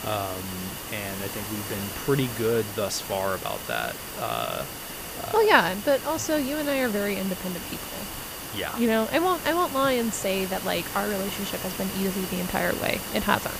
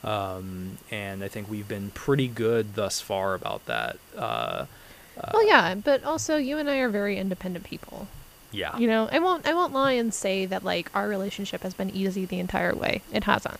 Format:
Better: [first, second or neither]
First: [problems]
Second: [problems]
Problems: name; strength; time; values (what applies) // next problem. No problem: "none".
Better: second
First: hiss; loud; throughout; 7 dB below the speech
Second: hiss; faint; throughout; 25 dB below the speech